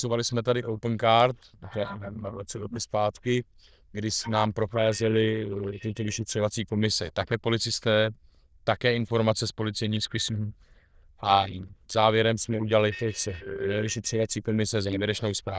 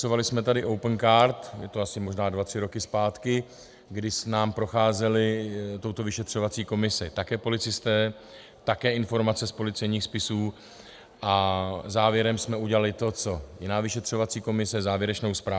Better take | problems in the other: second | noise reduction (neural diffusion model UNIVERSE++)

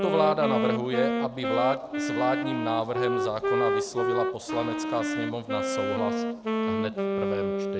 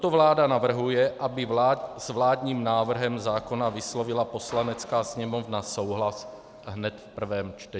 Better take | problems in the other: second | background sound (Wind instrument, woodwind instrument); 2 dB above the speech

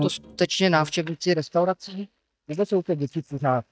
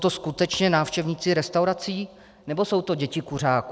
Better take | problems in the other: second | noise reduction (neural mask model DeepFilterNet 3)

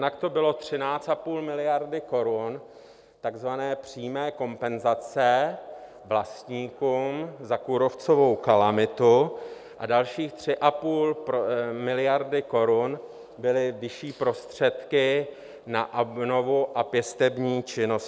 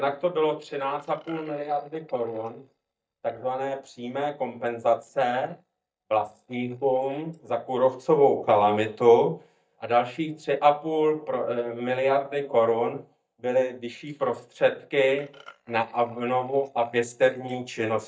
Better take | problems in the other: first | noise reduction (neural mask model DeepFilterNet 3)

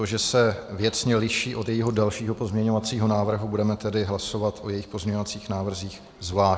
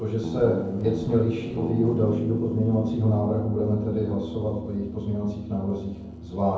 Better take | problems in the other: first | background sound (Guitar); 6 dB below the speech // room echo; dies away in 0.9 s

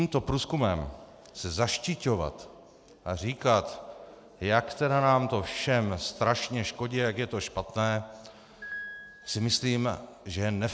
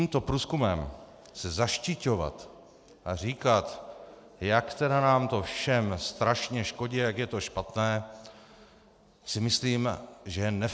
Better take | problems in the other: second | background sound (Piano); 16 dB below the speech

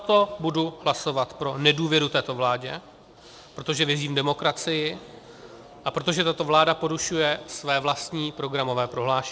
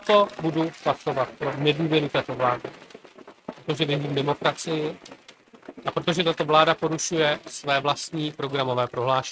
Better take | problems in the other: first | noise reduction (neural mask model RNNoise)

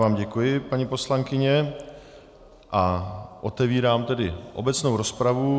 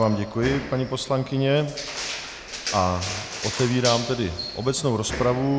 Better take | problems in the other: first | background sound (Crushing); 9 dB below the speech

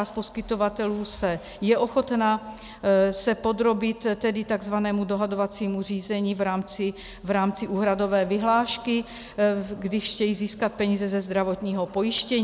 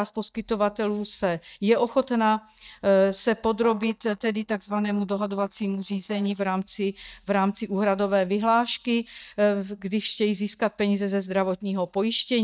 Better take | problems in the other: first | noise reduction (neural mask model DeepFilterNet 3)

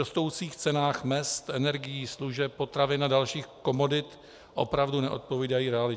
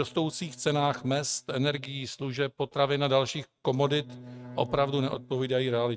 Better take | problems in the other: first | noise reduction (neural mask model RNNoise)

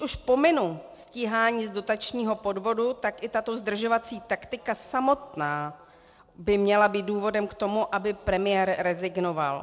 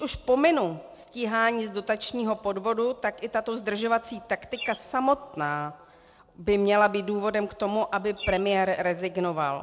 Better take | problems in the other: first | background sound (Bird); 16 dB below the speech

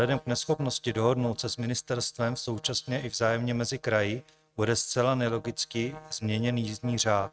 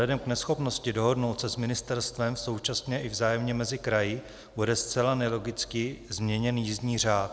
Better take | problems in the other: second | noise reduction (neural mask model RNNoise)

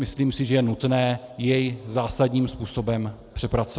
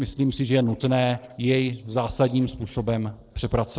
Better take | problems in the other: first | noise reduction (neural separator model SepFormer DNS4)

